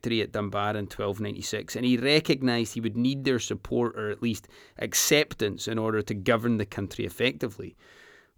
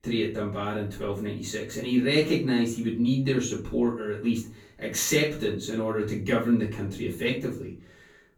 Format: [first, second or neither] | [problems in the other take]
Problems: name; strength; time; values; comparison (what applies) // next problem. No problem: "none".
first | off-mic speech; far // room echo; noticeable; dies away in 0.3 s